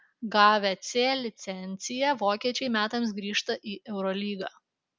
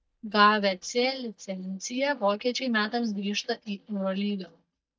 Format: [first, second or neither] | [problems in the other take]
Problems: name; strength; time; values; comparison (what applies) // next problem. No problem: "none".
first | noise reduction (neural mask model DeepFilterNet 3)